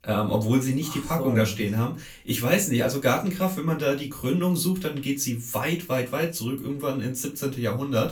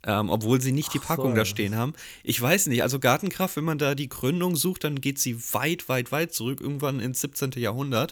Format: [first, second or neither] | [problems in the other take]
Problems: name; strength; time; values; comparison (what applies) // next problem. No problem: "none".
second | off-mic speech; far // room echo; very slight; dies away in 0.2 s